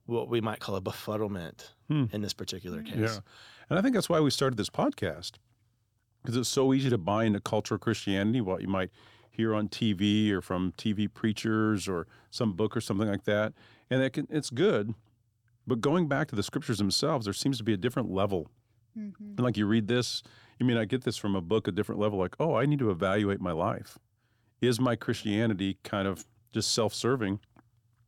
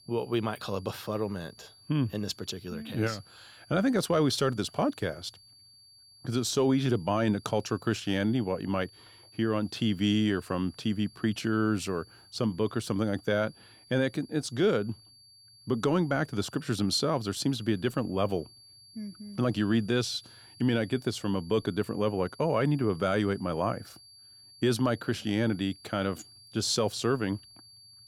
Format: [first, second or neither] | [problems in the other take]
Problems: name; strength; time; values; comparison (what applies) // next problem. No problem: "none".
first | high-pitched whine; faint; throughout; 4.5 kHz, 25 dB below the speech